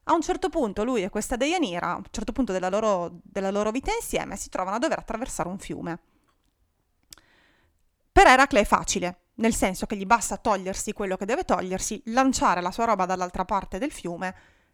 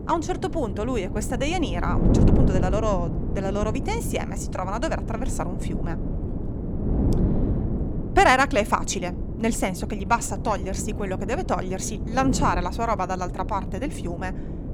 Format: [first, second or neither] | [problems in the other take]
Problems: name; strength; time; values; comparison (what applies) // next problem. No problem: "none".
first | wind noise on the microphone; occasional gusts; 10 dB below the speech